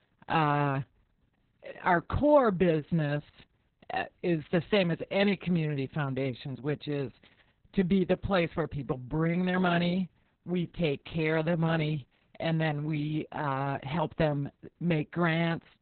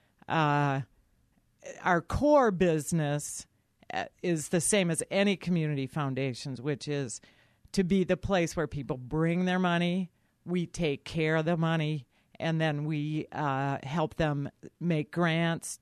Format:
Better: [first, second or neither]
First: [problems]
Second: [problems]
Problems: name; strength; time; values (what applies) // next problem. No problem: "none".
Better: second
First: garbled, watery; badly; nothing above 4 kHz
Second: none